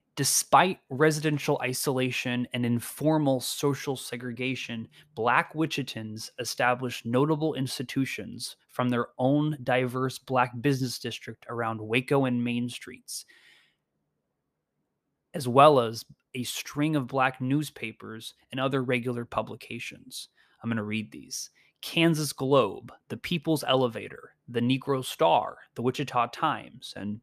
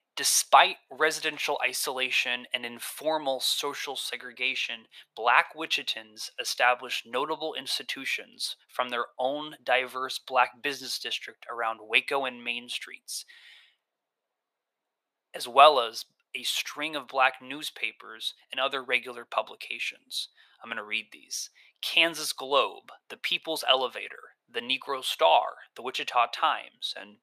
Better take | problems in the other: first | thin; very; fading below 700 Hz

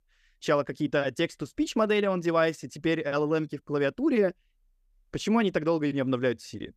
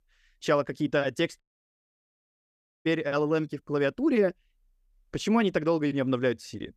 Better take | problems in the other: first | audio cutting out; at 1.5 s for 1.5 s

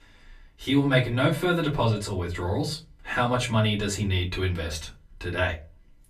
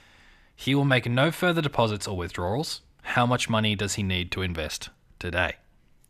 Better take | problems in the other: second | off-mic speech; far // room echo; very slight; dies away in 0.3 s

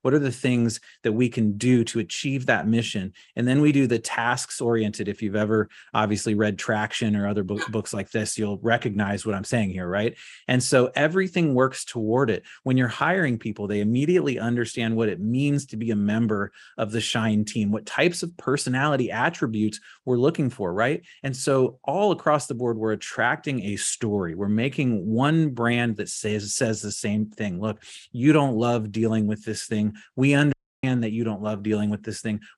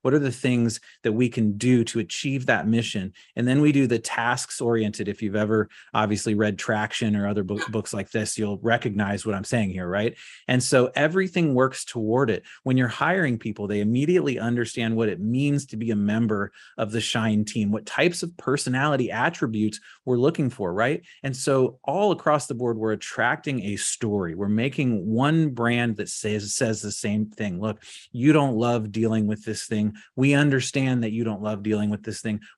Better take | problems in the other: second | audio cutting out; at 31 s

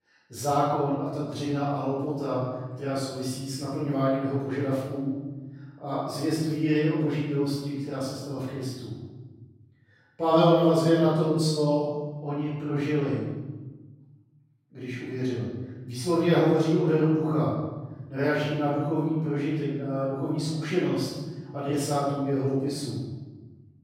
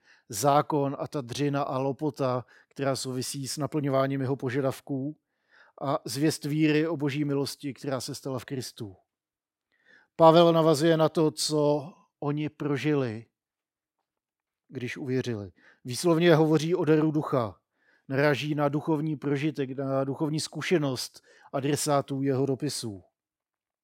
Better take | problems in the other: second | off-mic speech; far // room echo; strong; dies away in 1.7 s

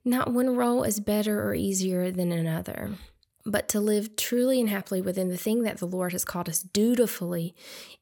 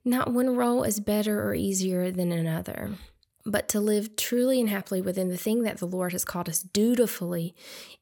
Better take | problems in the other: neither | none

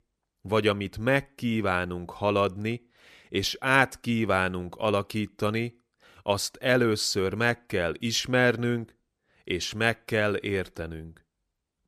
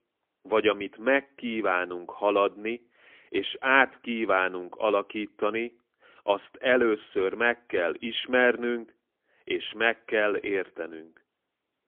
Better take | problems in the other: first | phone-call audio; poor line; nothing above 3.5 kHz

